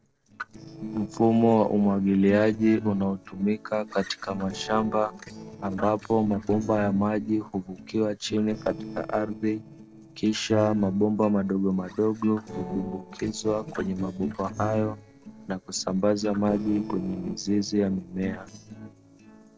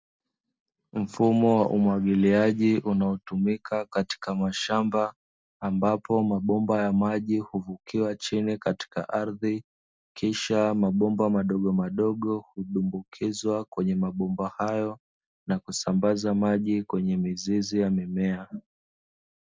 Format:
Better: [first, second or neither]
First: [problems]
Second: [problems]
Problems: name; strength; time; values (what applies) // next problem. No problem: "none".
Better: second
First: noise reduction (neural separator model SepFormer DNS4)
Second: none